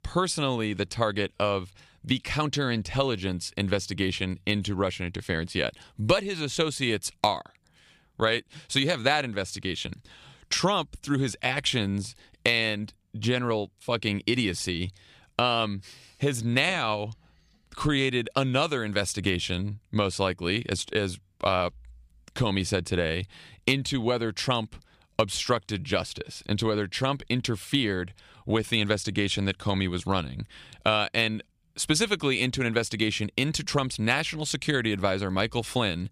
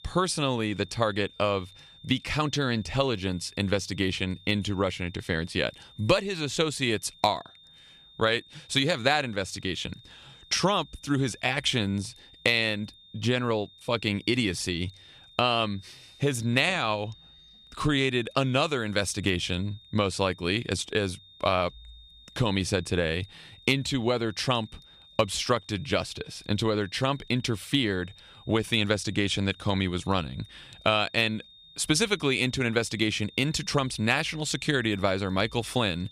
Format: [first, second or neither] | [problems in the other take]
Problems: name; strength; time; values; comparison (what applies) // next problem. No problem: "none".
first | high-pitched whine; faint; throughout; 3.5 kHz, 25 dB below the speech